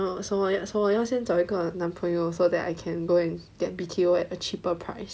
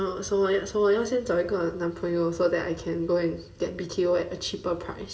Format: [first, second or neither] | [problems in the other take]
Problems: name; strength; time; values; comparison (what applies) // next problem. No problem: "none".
first | room echo; dies away in 0.9 s